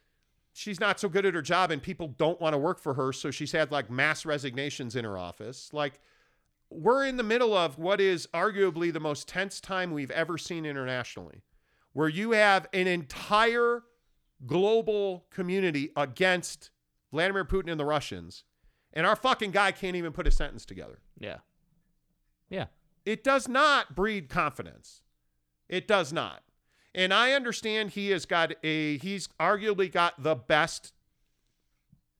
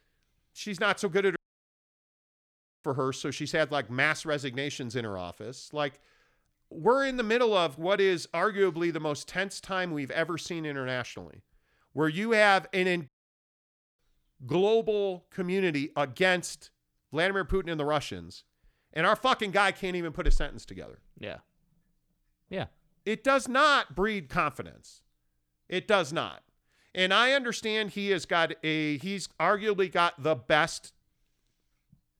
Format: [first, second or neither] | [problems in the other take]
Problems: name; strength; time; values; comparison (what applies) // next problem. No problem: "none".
first | audio cutting out; at 1.5 s for 1.5 s and at 13 s for 1 s